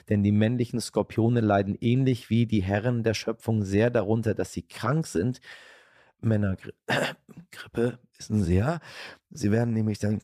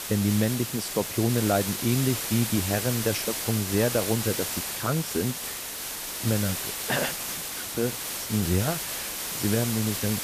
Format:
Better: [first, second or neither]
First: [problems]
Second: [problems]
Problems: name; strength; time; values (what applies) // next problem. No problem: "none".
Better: first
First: none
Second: hiss; loud; throughout; 2 dB below the speech